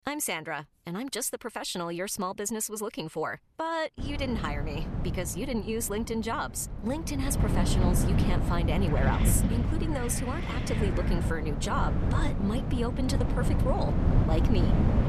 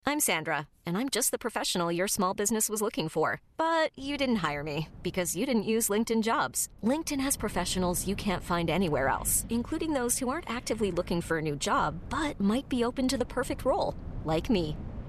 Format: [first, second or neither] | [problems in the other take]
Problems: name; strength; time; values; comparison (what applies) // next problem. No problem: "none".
second | wind noise on the microphone; heavy; from 4 s on; 4 dB below the speech; occasional gusts in the second